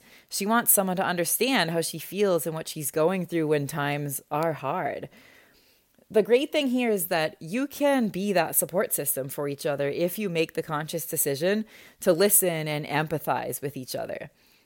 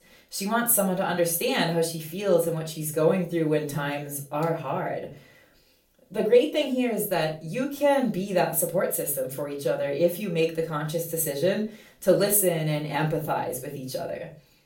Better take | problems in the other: first | room echo; slight; dies away in 0.3 s // off-mic speech; far

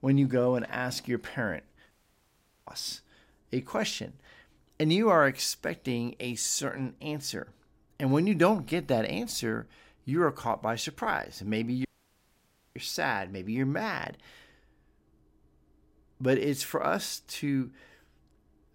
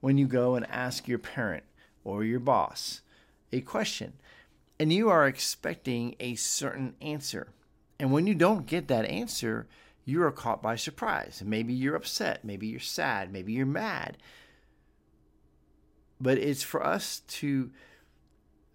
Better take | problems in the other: second | audio cutting out; at 2 s for 1 s and at 12 s for 1 s

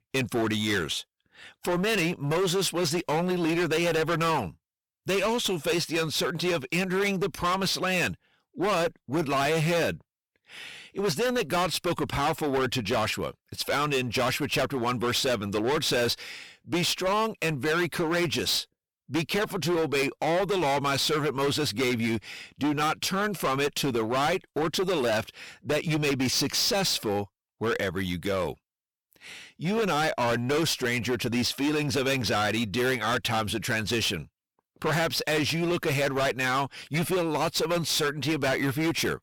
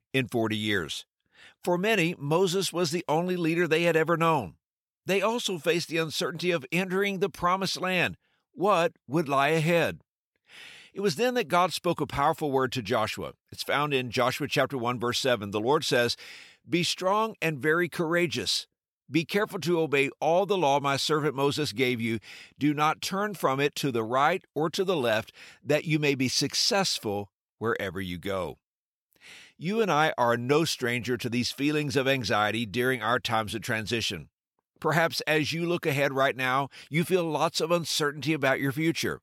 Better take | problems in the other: second | distortion; heavy; 21% of the sound clipped

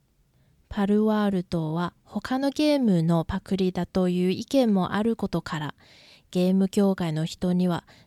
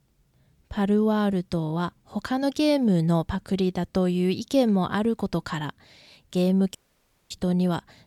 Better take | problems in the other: first | audio cutting out; at 7 s for 0.5 s

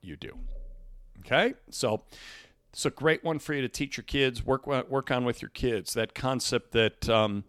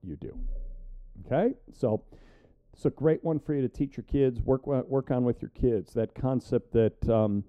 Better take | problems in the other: first | muffled; very; fading above 1 kHz

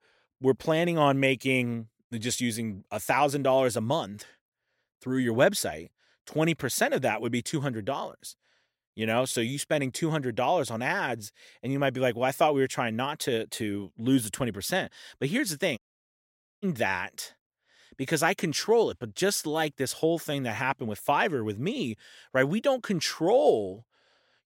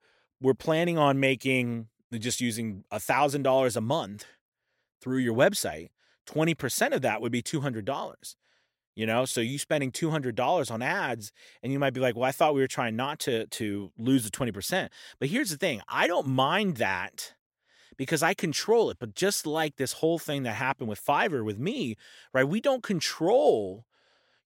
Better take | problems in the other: second | audio cutting out; at 16 s for 1 s

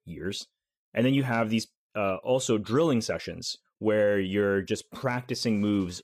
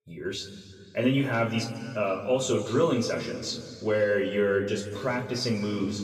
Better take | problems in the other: first | room echo; noticeable; dies away in 1.9 s // off-mic speech; far

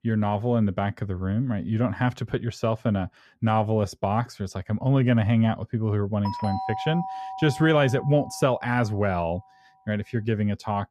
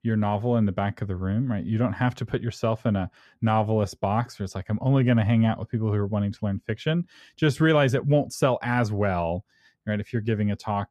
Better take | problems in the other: second | doorbell; noticeable; from 6.5 to 9 s; peak 6 dB below the speech

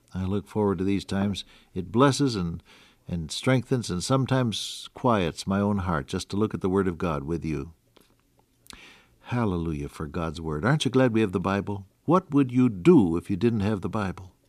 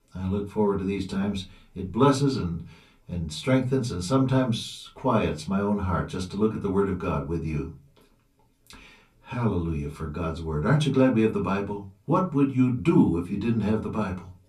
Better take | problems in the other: first | off-mic speech; far // room echo; very slight; dies away in 0.2 s

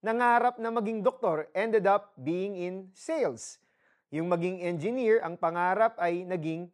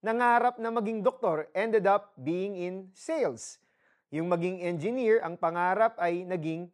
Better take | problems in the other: neither | none

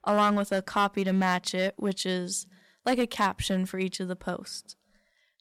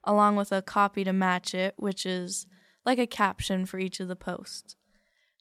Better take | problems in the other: second | distortion; slight; 3% of the sound clipped

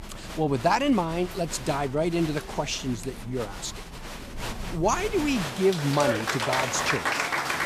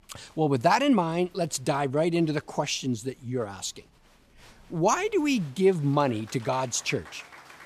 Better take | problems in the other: second | crowd noise; loud; throughout; 5 dB below the speech; faint in the second

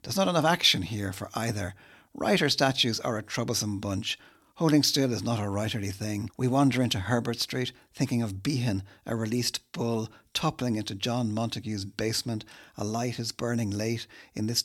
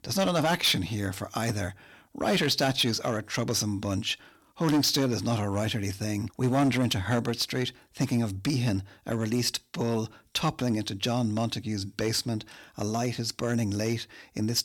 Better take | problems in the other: first | distortion; slight; 4% of the sound clipped

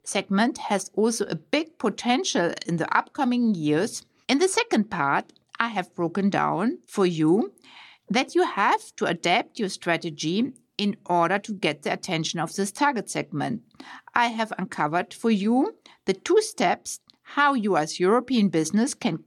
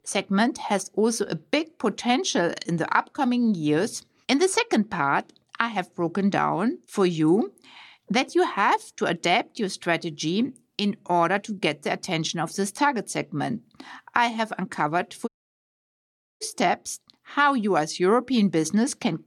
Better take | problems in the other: first | audio cutting out; at 15 s for 1 s

